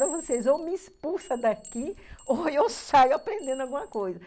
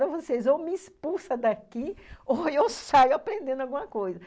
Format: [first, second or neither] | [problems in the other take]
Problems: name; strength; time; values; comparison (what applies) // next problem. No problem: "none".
second | background sound (Chime); 16 dB below the speech